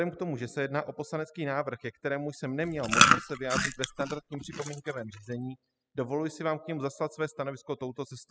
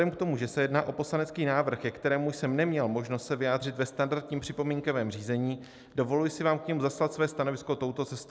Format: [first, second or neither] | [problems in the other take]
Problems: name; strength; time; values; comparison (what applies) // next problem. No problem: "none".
second | noise reduction (classical method spectral subtraction)